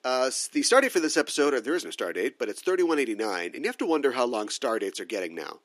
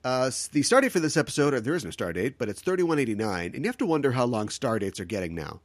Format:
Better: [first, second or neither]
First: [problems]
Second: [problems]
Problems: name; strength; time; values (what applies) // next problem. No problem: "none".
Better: second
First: thin; very slightly; fading below 300 Hz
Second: none